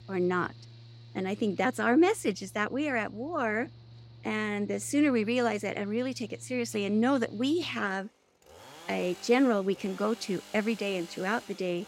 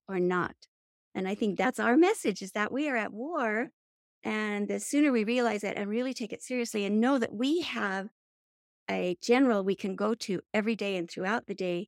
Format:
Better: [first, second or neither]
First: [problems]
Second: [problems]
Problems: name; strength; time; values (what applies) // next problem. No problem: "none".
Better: second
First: machinery noise; faint; throughout; 20 dB below the speech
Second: none